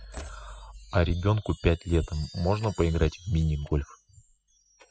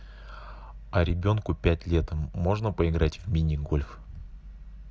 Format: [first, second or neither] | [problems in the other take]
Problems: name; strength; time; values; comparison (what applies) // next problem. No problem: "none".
second | noise reduction (classical method spectral subtraction)